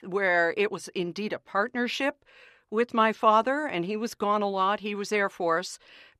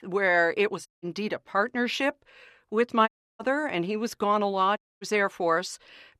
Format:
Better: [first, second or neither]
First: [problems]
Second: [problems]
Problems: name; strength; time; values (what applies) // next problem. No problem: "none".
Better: first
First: none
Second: audio cutting out; at 1 s, at 3 s and at 5 s